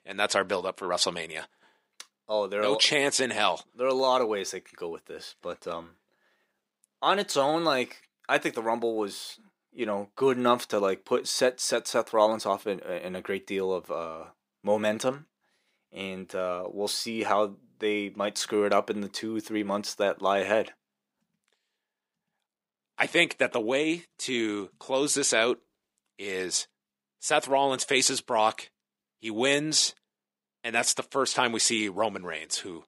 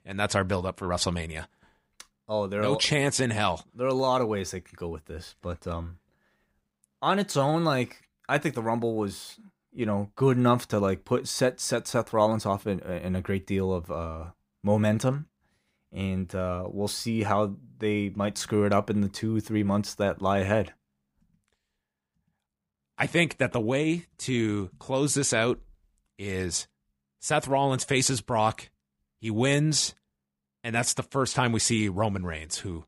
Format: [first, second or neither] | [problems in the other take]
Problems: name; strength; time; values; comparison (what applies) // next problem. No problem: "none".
second | thin; somewhat; fading below 350 Hz